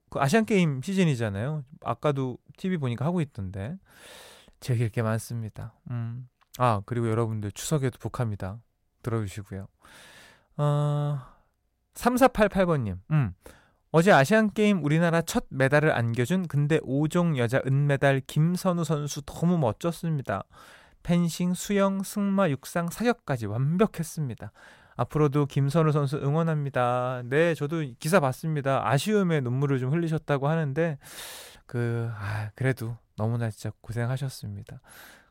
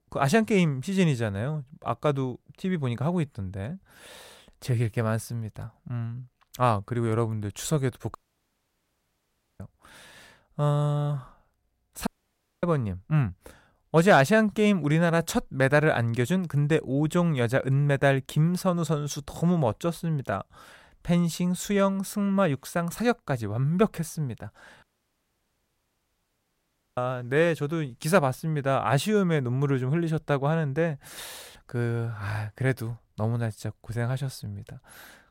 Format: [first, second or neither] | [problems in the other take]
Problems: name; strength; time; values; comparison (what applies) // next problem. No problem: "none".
first | audio cutting out; at 8 s for 1.5 s, at 12 s for 0.5 s and at 25 s for 2 s